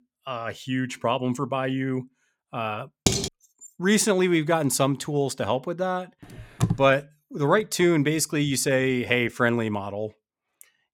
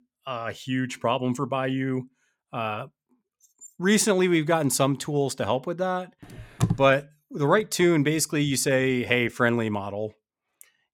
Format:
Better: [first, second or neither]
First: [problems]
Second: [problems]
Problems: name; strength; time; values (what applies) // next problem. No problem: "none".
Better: second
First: clattering dishes; loud; at 3 s; peak level with the speech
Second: none